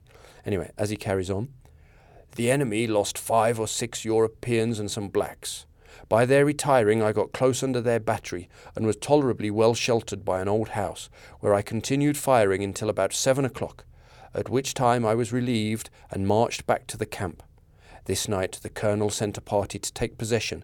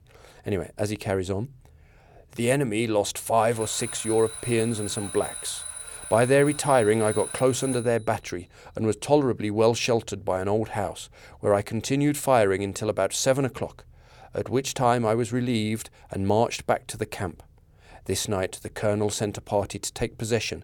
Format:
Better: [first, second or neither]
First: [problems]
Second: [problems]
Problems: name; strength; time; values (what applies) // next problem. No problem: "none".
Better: first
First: none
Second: alarm; noticeable; from 3.5 to 8 s; peak 7 dB below the speech